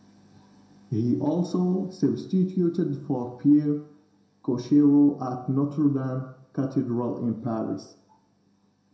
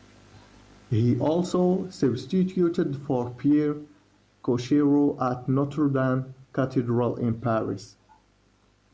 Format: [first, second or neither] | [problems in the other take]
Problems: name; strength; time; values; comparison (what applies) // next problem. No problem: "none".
second | room echo; dies away in 0.6 s